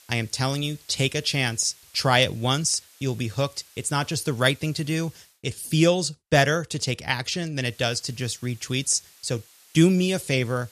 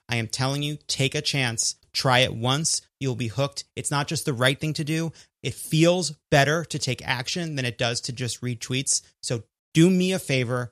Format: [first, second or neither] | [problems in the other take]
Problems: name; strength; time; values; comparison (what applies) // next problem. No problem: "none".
second | hiss; faint; until 5.5 s and from 7.5 s on; 25 dB below the speech